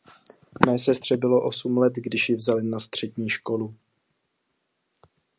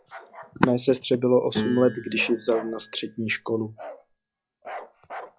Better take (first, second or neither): first